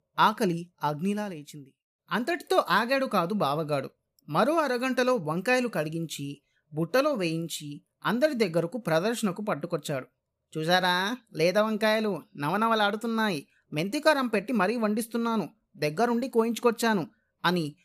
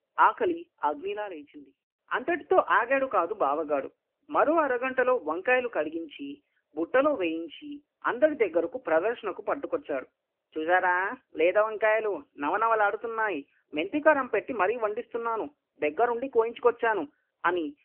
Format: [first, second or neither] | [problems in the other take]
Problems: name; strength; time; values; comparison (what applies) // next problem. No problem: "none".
first | phone-call audio; nothing above 3 kHz